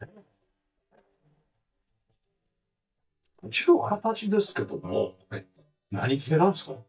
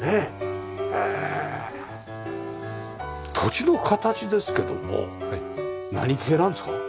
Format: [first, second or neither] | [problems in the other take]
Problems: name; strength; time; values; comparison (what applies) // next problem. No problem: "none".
second | noise reduction (neural mask model DeepFilterNet 3)